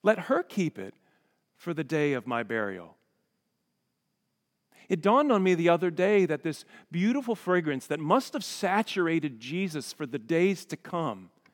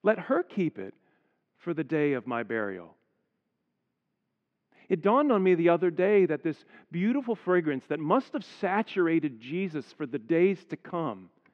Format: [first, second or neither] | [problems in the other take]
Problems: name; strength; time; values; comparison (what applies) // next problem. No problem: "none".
first | muffled; slightly; fading above 2.5 kHz